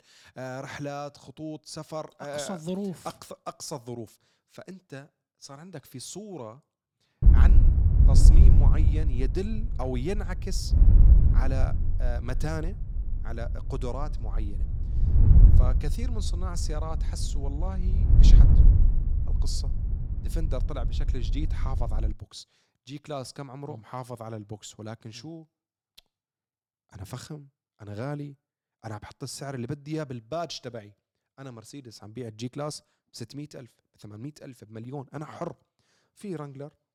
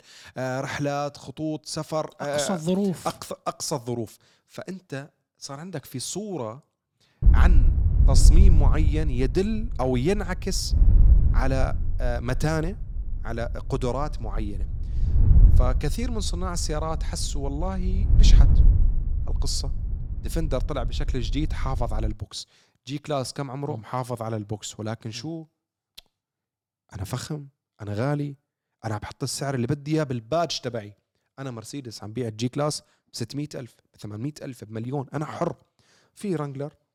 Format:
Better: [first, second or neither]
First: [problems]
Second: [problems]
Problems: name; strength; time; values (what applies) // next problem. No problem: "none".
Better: second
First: wind noise on the microphone; heavy; from 7 to 22 s; 3 dB below the speech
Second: wind noise on the microphone; occasional gusts; from 7 to 22 s; 10 dB below the speech